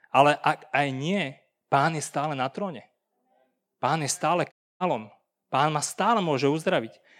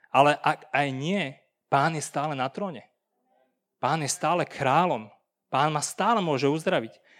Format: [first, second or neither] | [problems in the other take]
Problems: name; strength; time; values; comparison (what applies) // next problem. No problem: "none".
second | audio cutting out; at 4.5 s